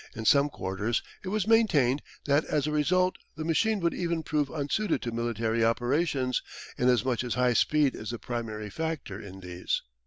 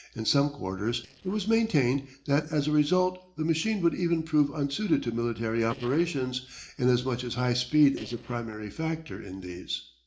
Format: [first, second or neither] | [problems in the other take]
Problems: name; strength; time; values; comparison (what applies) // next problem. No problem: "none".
first | noise reduction (neural separator model SepFormer DNS4)